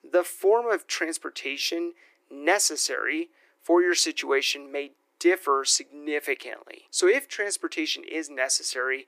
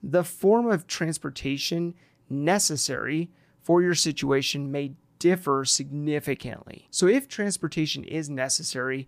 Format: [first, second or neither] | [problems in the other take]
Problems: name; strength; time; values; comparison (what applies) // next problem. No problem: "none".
second | thin; very; fading below 350 Hz